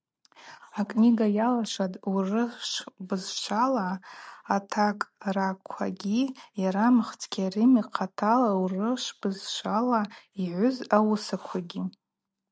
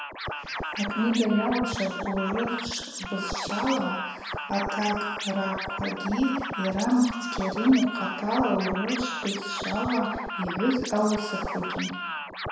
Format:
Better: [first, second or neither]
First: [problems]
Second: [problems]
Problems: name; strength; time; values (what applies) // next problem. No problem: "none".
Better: first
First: none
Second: background sound (Scratching (performance technique)); 6 dB below the speech // room echo; dies away in 1 s